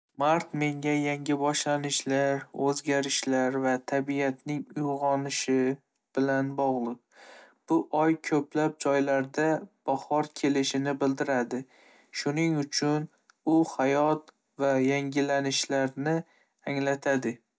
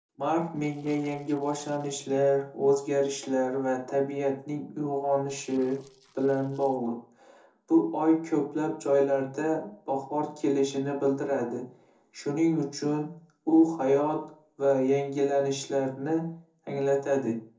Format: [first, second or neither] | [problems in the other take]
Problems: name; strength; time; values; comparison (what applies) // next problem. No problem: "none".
first | noise reduction (neural separator model SepFormer DNS4)